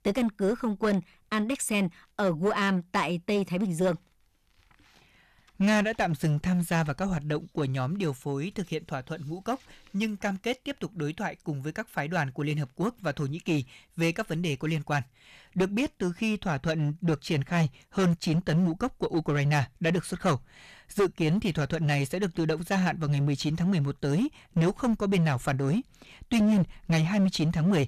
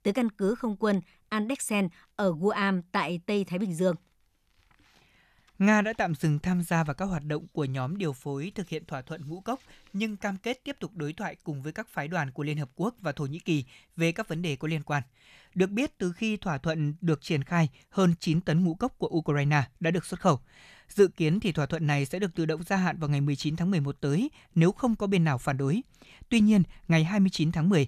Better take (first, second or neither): second